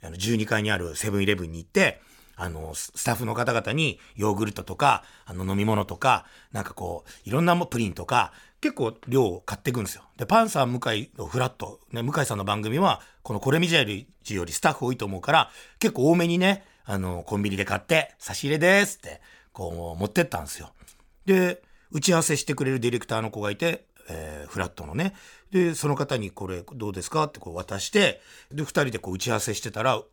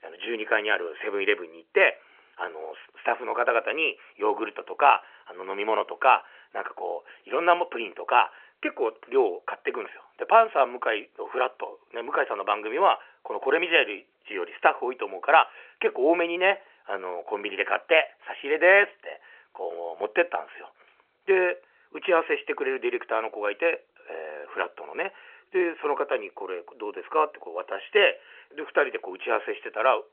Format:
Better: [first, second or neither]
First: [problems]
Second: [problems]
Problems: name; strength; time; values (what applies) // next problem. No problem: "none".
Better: first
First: none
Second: phone-call audio; nothing above 3 kHz